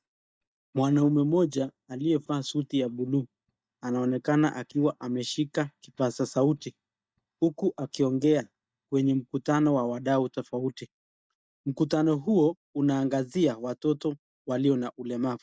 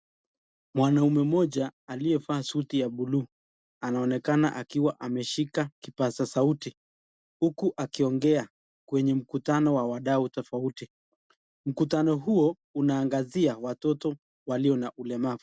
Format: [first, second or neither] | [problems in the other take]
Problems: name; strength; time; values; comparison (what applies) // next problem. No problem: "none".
second | noise reduction (neural mask model DeepFilterNet 3)